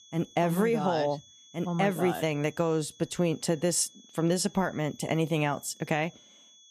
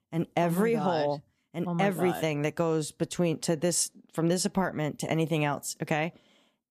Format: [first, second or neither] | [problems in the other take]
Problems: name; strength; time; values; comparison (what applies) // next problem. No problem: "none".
second | high-pitched whine; faint; throughout; 3.5 kHz, 25 dB below the speech